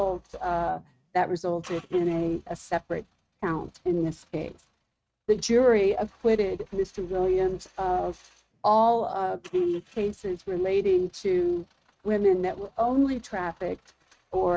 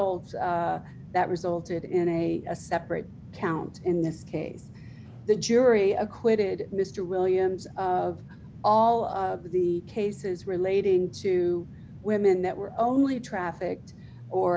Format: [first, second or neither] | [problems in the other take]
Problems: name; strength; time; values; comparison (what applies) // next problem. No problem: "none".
second | noise reduction (neural mask model RNNoise)